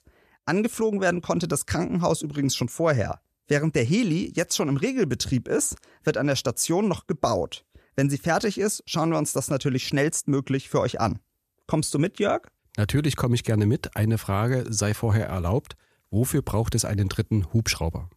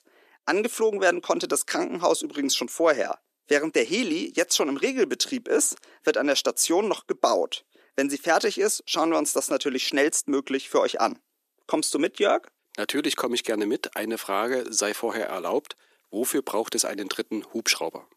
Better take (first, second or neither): first